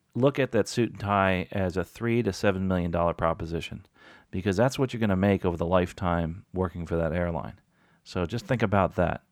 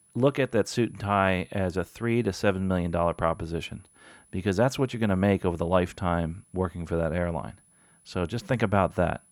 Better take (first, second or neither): first